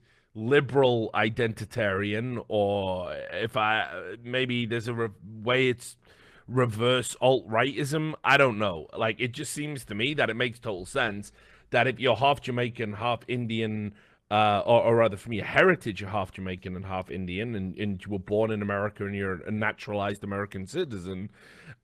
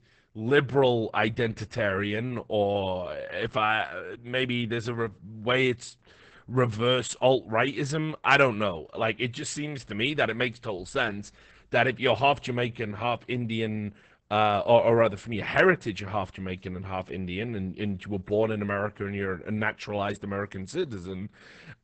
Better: first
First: garbled, watery; slightly; nothing above 14.5 kHz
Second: garbled, watery; badly; nothing above 8 kHz

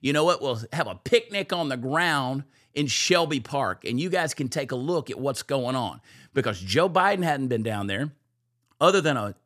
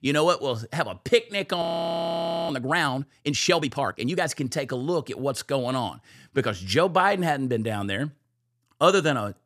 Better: first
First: none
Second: audio freezing; at 1.5 s for 1 s

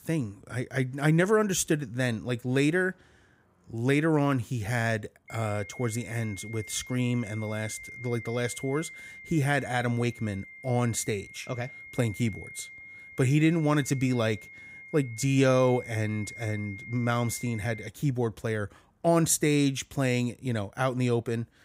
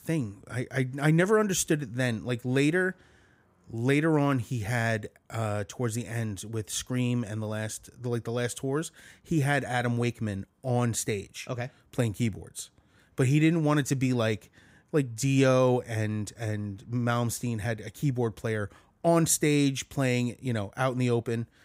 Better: second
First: high-pitched whine; noticeable; from 5.5 to 18 s; 2 kHz, 15 dB below the speech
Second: none

